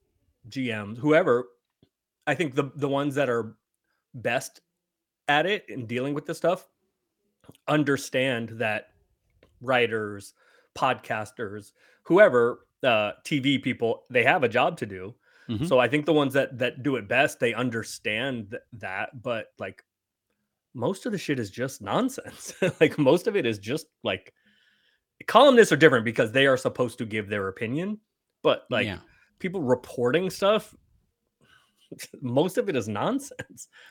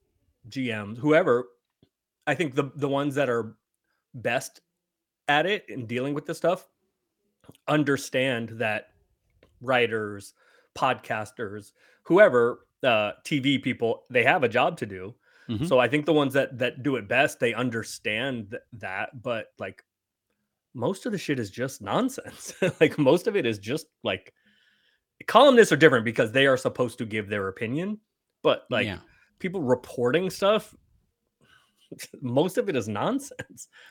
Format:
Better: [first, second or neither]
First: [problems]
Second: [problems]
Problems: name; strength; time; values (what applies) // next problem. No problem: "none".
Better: neither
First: none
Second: none